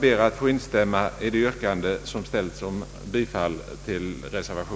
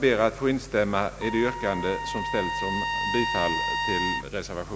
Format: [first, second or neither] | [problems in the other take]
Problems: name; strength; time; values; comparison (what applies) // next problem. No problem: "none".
first | background sound (Trumpet); 2 dB below the speech